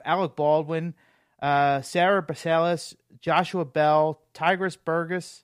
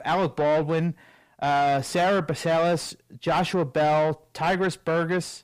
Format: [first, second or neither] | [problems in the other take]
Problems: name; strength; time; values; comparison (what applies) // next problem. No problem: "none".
first | distortion; heavy; 8 dB below the speech